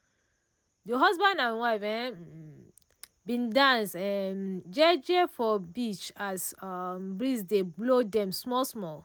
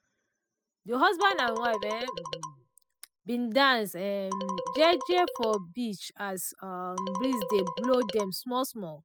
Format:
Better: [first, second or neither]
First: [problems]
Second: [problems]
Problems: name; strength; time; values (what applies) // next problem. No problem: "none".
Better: first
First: none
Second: noise reduction (classical method spectral subtraction)